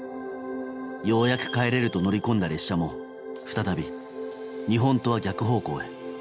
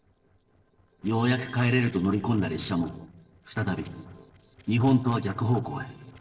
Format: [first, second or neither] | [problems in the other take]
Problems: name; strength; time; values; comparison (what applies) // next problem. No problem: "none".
first | noise reduction (neural separator model SepFormer DNS4)